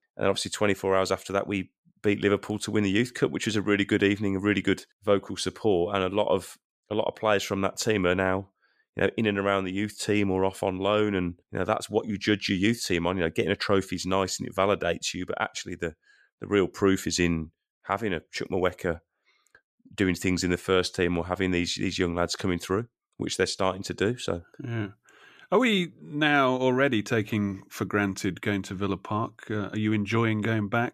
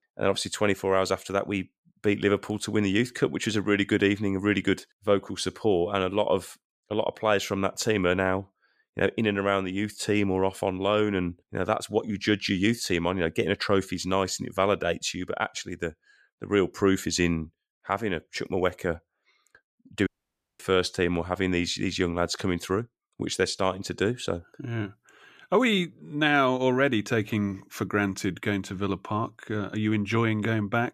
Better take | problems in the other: first | audio cutting out; at 20 s for 0.5 s

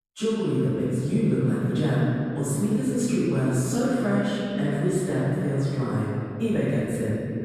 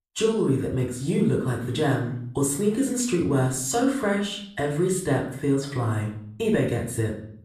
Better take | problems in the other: second | room echo; strong; dies away in 3 s; slight in the second // off-mic speech; far; far in the second

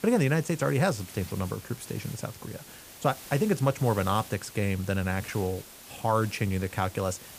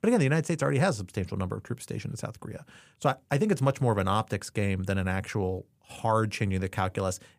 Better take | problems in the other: second | hiss; noticeable; throughout; 15 dB below the speech

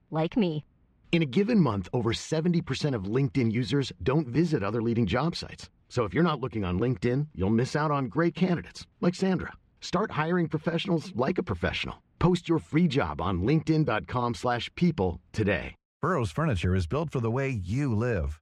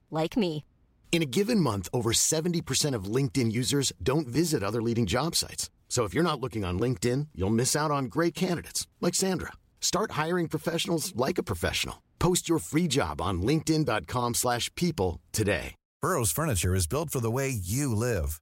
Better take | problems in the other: second | muffled; slightly; fading above 2.5 kHz

